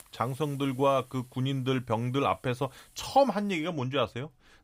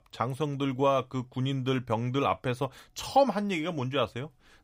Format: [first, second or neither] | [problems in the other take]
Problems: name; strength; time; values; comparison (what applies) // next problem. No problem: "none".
second | hiss; faint; until 3.5 s; 25 dB below the speech